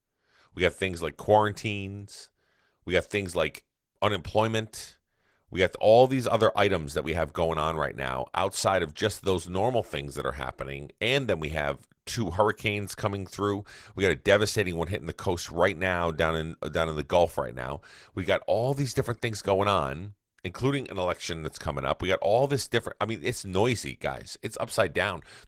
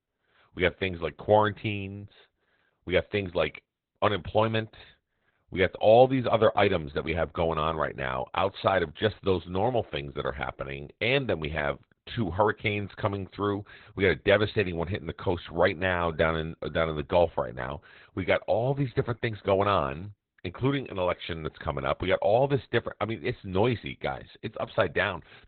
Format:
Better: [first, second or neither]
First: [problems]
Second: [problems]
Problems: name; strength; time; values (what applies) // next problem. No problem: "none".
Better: first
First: garbled, watery; slightly; nothing above 18.5 kHz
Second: garbled, watery; badly; nothing above 4 kHz